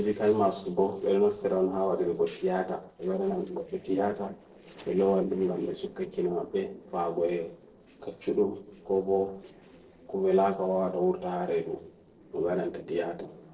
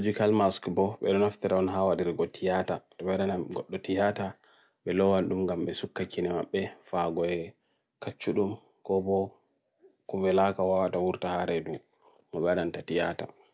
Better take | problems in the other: second | noise reduction (neural separator model SepFormer DNS4)

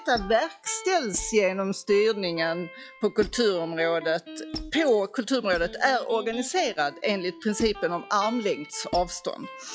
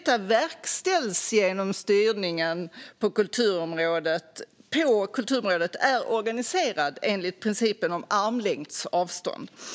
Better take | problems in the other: second | noise reduction (classical method log-MMSE)

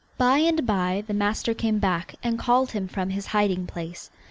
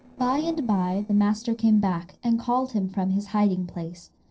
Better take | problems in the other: first | noise reduction (neural separator model SepFormer DNS4)

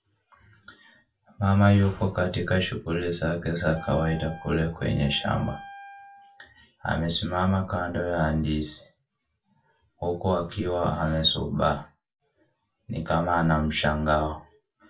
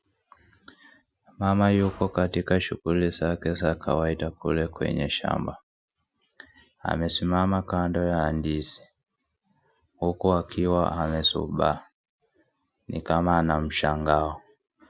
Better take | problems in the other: second | background sound (Wind instrument, woodwind instrument); 18 dB below the speech // room echo; dies away in 0.2 s

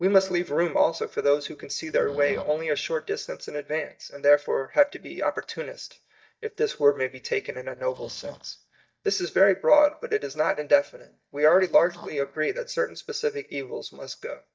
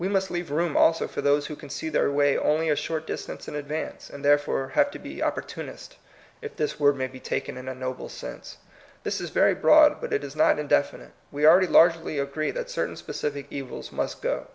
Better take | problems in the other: second | noise reduction (neural mask model DeepFilterNet 3)

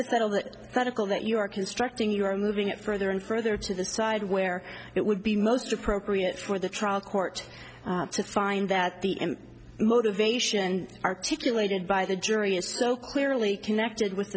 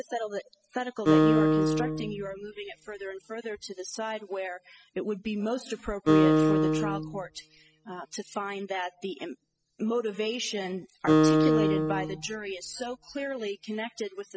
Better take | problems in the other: first | noise reduction (classical method spectral subtraction)

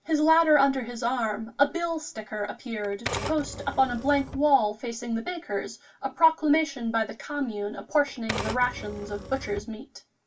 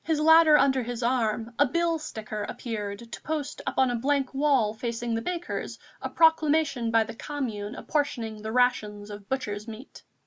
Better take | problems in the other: second | background sound (Typewriter); 10 dB below the speech // room echo; dies away in 0.2 s

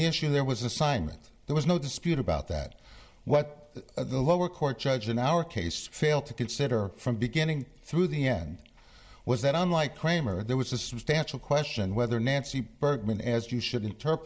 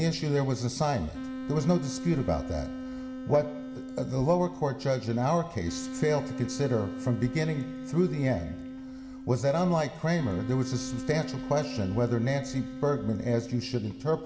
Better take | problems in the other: first | background sound (Wind instrument, woodwind instrument); 10 dB below the speech // room echo; dies away in 1.3 s

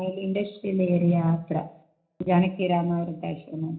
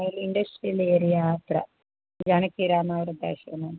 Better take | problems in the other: second | room echo; dies away in 0.4 s

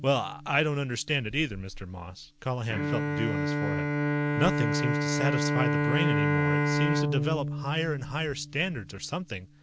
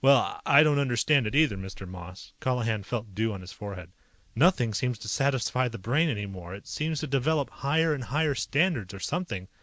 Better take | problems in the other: second | background sound (Bowed string instrument); 2 dB above the speech

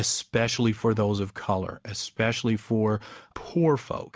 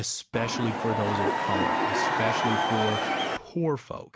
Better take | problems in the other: first | background sound (Crowd / Cheering); 4 dB above the speech

